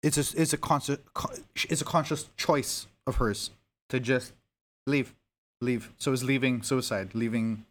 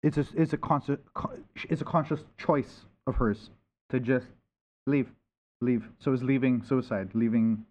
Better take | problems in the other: first | muffled; very; fading above 1.5 kHz

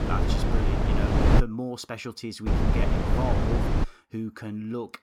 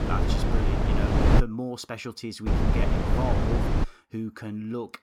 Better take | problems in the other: neither | wind noise on the microphone; heavy; until 1.5 s and from 2.5 to 4 s; 5 dB above the speech; the same in both

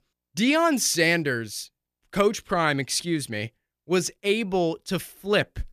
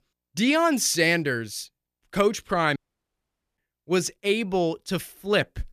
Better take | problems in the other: first | audio cutting out; at 3 s for 1 s

